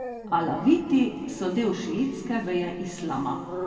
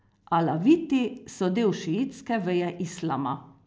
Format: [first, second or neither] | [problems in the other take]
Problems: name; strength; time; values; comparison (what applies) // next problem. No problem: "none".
second | background sound (Dog); 13 dB below the speech // room echo; dies away in 2 s